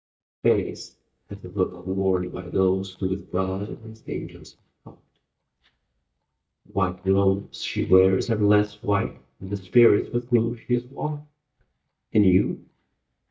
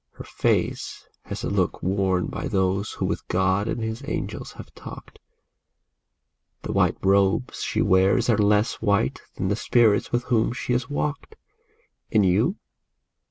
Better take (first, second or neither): second